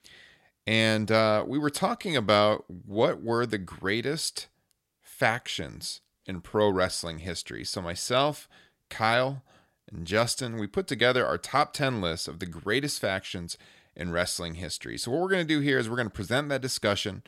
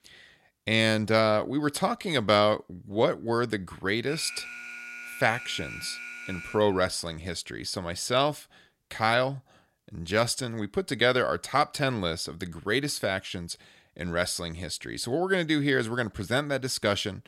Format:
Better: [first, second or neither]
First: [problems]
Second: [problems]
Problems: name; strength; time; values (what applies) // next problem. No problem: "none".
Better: first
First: none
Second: alarm; faint; from 4 to 7 s; peak 10 dB below the speech